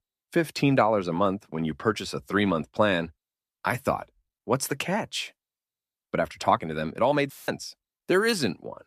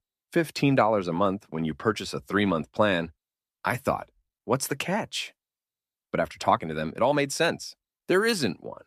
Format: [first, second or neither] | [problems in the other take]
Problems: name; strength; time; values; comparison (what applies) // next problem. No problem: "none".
second | audio cutting out; filled with static; at 7.5 s